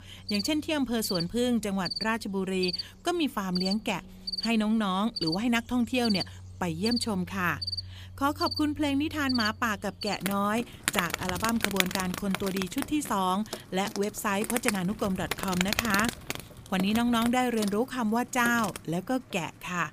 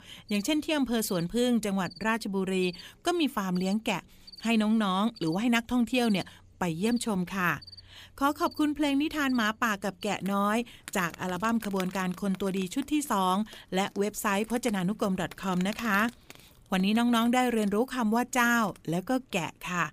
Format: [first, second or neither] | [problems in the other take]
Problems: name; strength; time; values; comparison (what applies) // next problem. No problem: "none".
second | animal sounds; loud; throughout; 5 dB below the speech; faint in the second